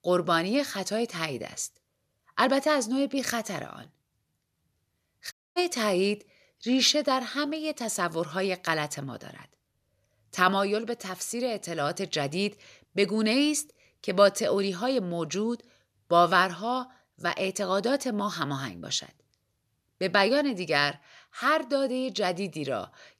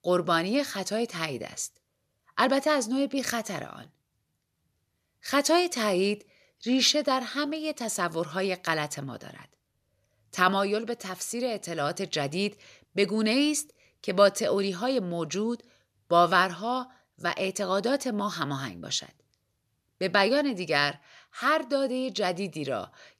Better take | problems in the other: second | audio cutting out; at 5.5 s

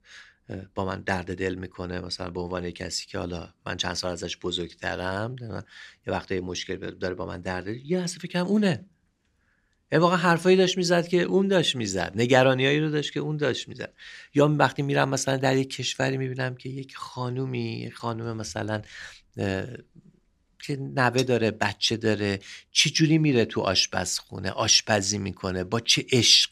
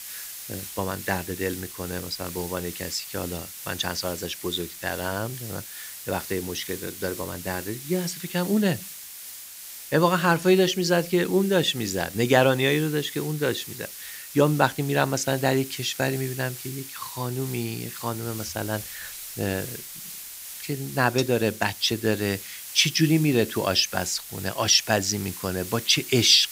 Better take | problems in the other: first | hiss; noticeable; throughout; 10 dB below the speech

